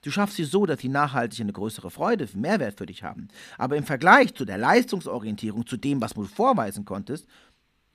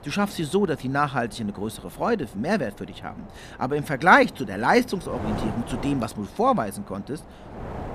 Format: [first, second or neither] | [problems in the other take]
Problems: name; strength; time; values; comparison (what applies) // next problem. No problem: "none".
first | wind noise on the microphone; occasional gusts; 20 dB below the speech